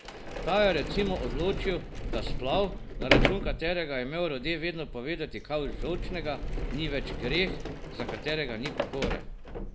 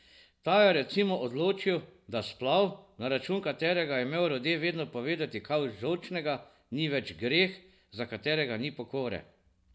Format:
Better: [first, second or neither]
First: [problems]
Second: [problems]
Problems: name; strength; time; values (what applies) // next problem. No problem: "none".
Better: second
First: background sound (Sliding door); as loud as the speech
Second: none